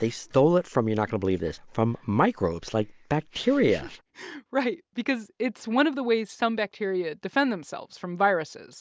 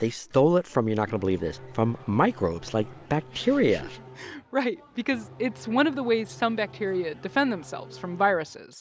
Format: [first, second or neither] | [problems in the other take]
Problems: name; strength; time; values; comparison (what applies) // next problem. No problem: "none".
first | background sound (Race car, auto racing / Engine starting); 19 dB below the speech